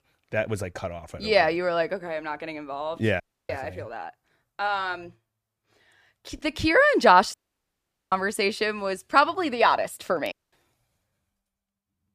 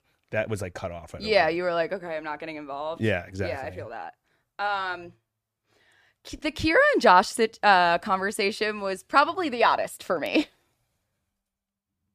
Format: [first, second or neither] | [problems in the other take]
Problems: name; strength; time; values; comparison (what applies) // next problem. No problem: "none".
second | audio cutting out; at 3 s, at 7.5 s for 1 s and at 10 s